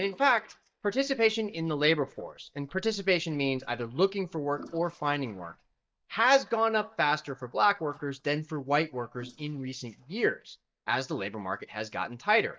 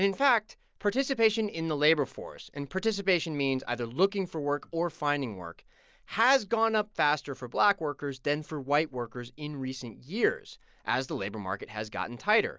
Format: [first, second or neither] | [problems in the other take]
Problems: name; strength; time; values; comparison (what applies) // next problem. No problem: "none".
second | noise reduction (neural mask model DeepFilterNet 3)